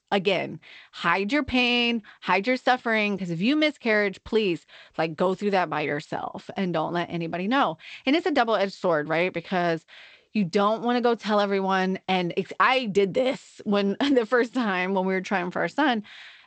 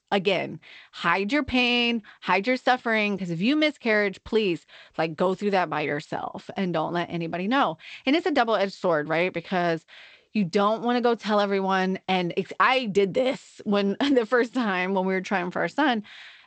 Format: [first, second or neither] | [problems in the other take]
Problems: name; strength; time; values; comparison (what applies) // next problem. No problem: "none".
neither | garbled, watery; slightly; nothing above 8 kHz; the same in both